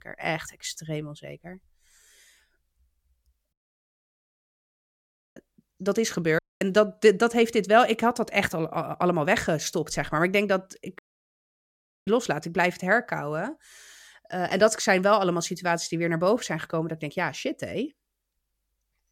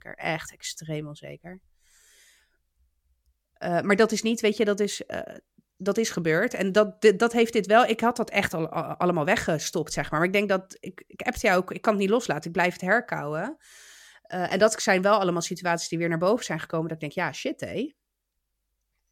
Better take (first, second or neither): second